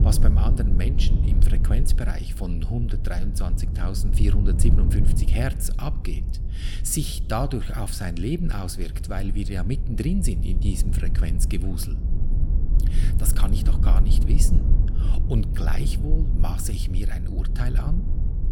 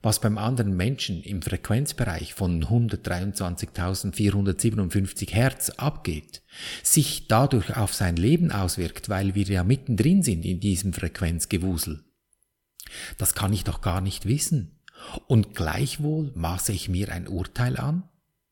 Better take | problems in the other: second | low rumble; loud; throughout; 7 dB below the speech

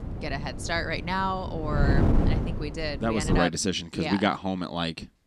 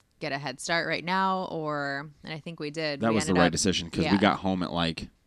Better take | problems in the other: second | wind noise on the microphone; heavy; until 3.5 s; 8 dB below the speech

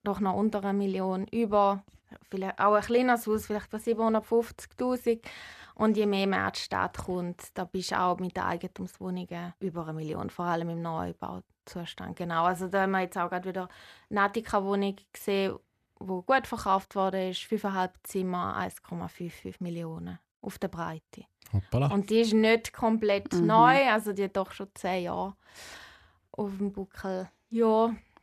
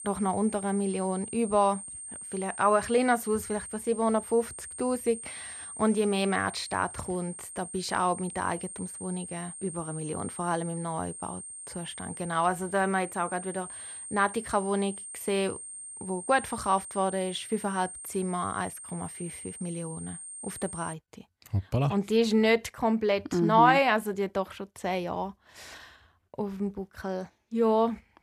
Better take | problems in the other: first | high-pitched whine; noticeable; until 21 s; 8.5 kHz, 10 dB below the speech

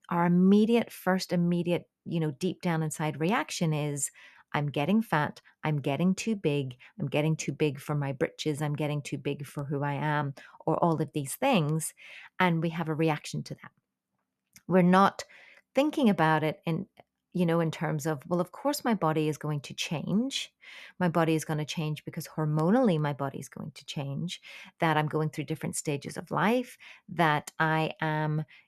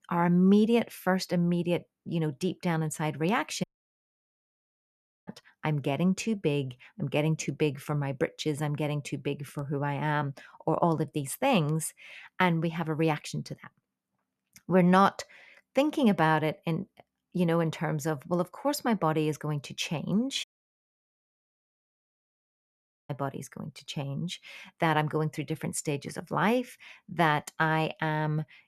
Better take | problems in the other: first | audio cutting out; at 3.5 s for 1.5 s and at 20 s for 2.5 s

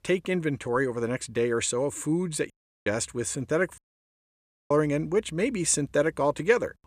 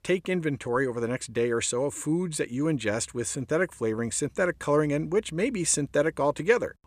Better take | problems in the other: second | audio cutting out; at 2.5 s and at 4 s for 1 s

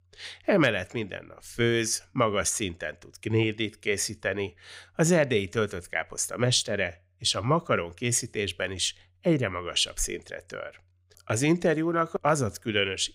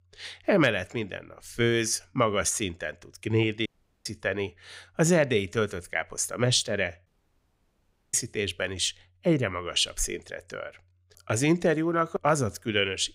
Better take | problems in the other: first | audio cutting out; at 3.5 s and at 7 s for 1 s

